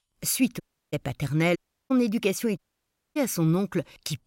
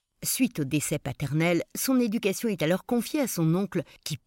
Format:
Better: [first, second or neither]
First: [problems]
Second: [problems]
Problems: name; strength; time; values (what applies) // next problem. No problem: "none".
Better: second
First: audio cutting out; at 0.5 s, at 1.5 s and at 2.5 s for 0.5 s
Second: none